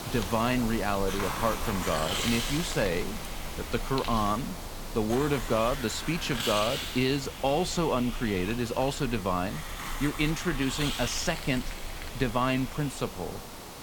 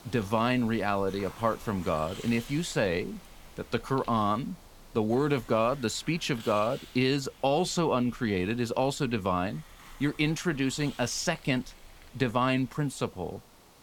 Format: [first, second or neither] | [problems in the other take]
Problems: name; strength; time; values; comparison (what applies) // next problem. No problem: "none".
second | hiss; loud; throughout; 6 dB below the speech; faint in the second